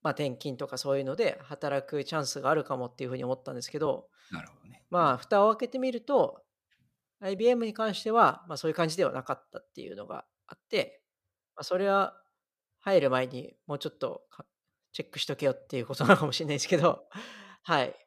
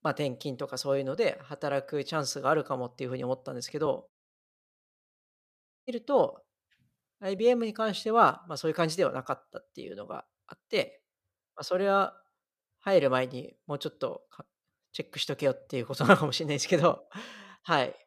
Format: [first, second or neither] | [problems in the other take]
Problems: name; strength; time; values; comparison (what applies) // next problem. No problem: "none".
first | audio cutting out; at 4 s for 2 s